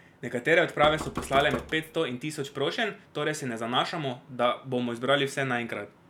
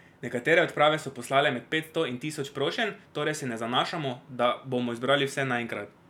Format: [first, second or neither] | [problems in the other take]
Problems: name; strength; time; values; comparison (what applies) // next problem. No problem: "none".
second | background sound (Knock); 10 dB below the speech